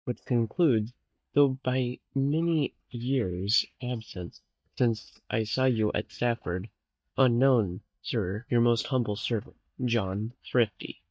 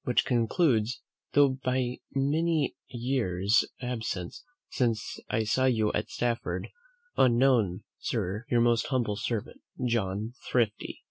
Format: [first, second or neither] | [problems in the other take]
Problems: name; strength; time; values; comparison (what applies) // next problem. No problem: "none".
second | noise reduction (neural mask model DeepFilterNet 3)